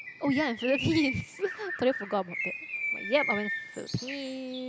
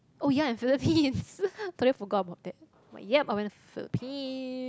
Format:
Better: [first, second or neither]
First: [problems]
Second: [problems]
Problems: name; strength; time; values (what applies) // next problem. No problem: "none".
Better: second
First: background sound (Bird); 6 dB below the speech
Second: none